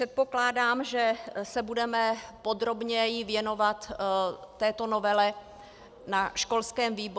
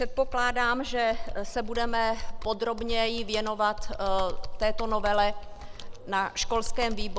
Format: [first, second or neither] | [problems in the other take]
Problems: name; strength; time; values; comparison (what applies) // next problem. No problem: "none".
first | background sound (Computer keyboard); 2 dB below the speech